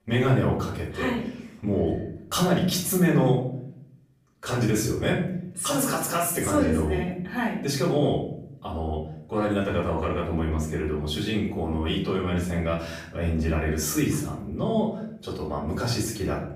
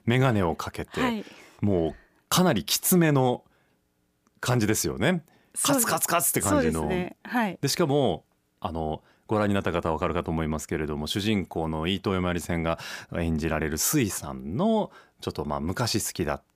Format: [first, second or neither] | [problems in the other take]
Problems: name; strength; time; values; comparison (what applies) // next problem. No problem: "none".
second | room echo; noticeable; dies away in 0.7 s // off-mic speech; far